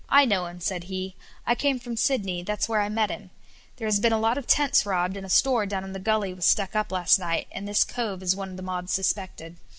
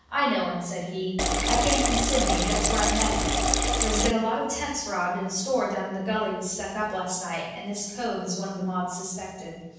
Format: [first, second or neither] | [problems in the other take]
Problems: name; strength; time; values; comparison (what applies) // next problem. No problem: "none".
first | background sound (Liquid); 5 dB above the speech // room echo; dies away in 1.1 s